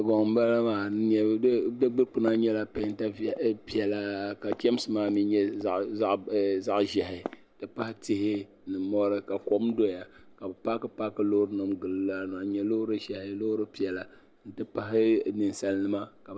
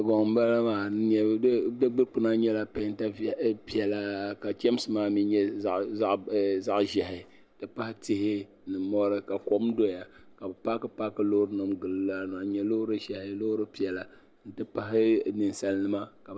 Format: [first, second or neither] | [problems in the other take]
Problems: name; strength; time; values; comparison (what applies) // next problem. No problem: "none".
second | background sound (Walk, footsteps); 17 dB below the speech